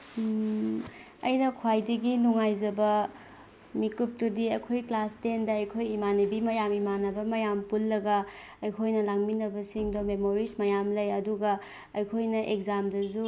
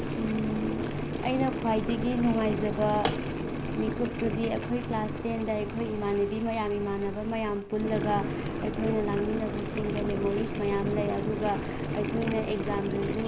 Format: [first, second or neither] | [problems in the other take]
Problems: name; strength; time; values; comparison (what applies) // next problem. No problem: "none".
first | background sound (Boiling); 2 dB below the speech